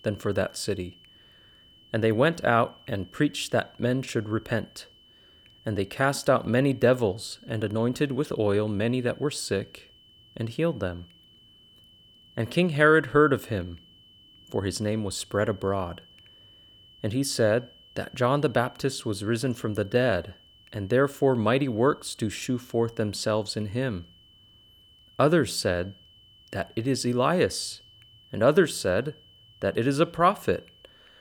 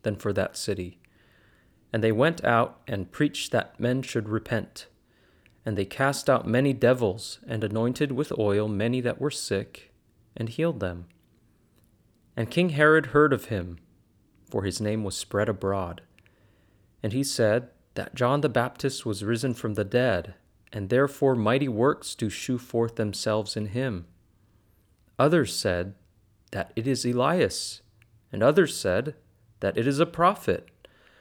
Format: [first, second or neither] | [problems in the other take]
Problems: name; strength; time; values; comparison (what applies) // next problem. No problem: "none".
second | high-pitched whine; faint; throughout; 3 kHz, 25 dB below the speech